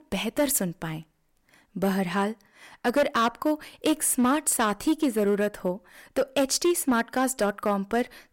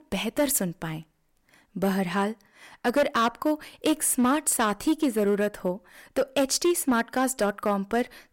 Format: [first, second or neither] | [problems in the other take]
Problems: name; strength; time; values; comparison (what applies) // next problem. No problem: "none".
neither | distortion; slight; 5% of the sound clipped; the same in both